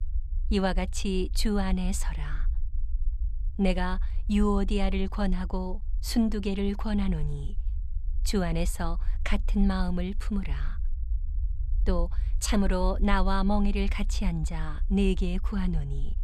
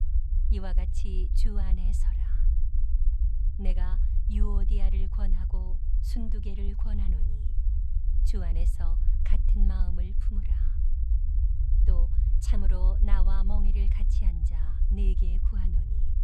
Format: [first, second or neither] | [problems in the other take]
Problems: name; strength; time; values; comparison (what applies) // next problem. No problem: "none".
first | low rumble; loud; throughout; 4 dB below the speech; faint in the first